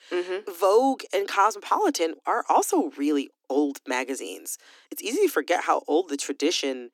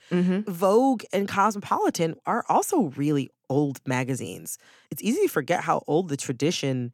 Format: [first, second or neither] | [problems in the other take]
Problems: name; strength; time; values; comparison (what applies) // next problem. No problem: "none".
second | thin; very slightly; fading below 300 Hz